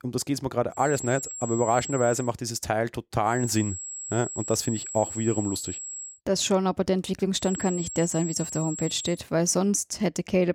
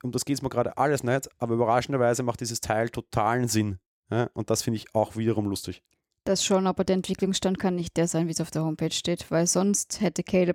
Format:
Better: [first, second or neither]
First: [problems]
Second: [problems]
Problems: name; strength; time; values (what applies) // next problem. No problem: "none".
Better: second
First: high-pitched whine; loud; from 1 to 2 s, from 3.5 to 6 s and from 7.5 to 9 s; 7.5 kHz, 8 dB below the speech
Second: none